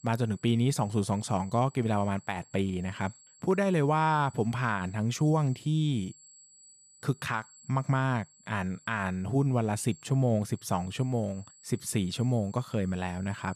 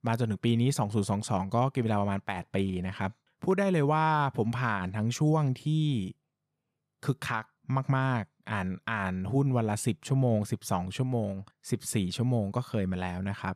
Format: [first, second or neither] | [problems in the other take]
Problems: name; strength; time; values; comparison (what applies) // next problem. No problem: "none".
second | high-pitched whine; faint; throughout; 7.5 kHz, 25 dB below the speech